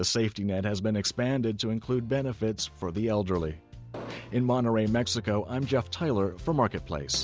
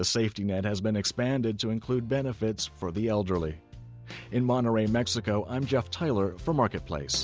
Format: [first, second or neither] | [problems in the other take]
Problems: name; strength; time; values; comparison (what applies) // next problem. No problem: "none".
second | background sound (Explosion); 14 dB below the speech